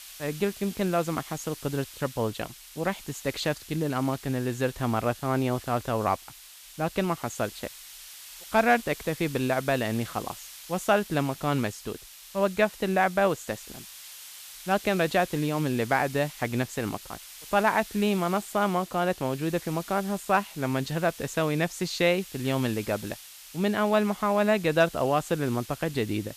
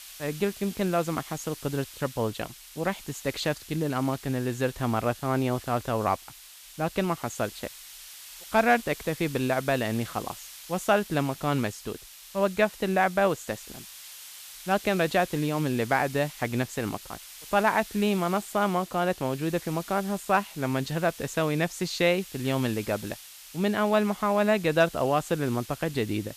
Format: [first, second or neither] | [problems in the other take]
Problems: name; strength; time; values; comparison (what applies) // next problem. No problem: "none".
neither | hiss; noticeable; throughout; 15 dB below the speech; the same in both